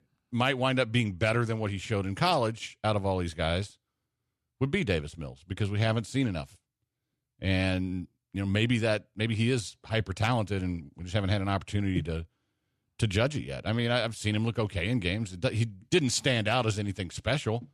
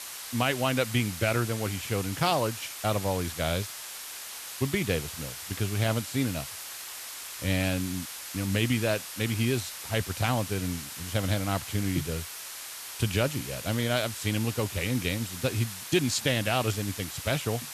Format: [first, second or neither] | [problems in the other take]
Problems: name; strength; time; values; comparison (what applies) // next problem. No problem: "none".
first | hiss; loud; throughout; 8 dB below the speech